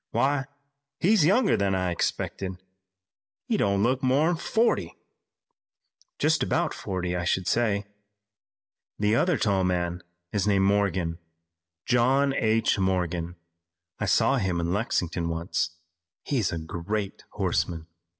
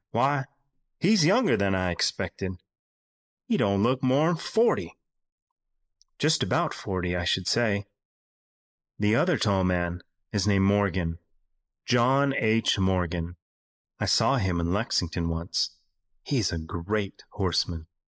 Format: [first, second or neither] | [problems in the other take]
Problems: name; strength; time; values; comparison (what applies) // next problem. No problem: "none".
first | noise reduction (neural mask model Resemble Enhance denoiser)